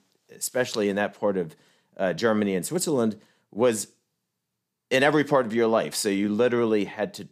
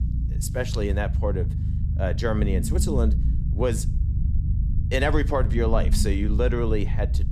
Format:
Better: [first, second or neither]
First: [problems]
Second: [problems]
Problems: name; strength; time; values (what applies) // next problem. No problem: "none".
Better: first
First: none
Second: low rumble; noticeable; throughout; 10 dB below the speech